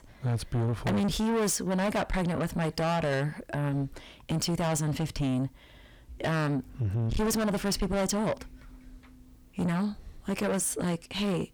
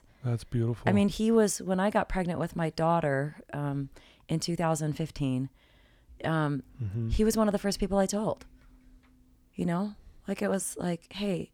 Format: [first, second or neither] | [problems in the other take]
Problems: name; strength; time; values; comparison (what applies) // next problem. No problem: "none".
second | distortion; heavy; 5 dB below the speech